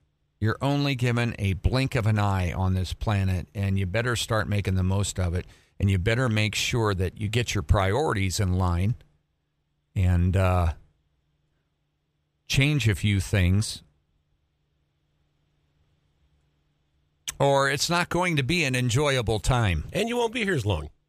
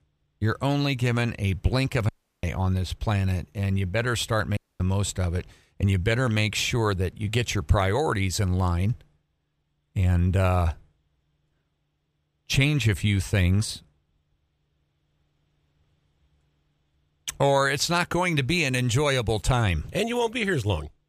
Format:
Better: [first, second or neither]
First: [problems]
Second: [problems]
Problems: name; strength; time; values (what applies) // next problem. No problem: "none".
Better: first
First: none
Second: audio cutting out; at 2 s and at 4.5 s